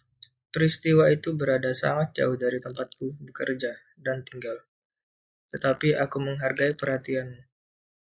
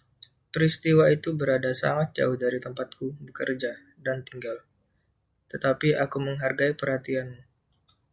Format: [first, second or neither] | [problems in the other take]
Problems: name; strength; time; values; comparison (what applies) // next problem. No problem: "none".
second | noise reduction (neural mask model Resemble Enhance denoiser)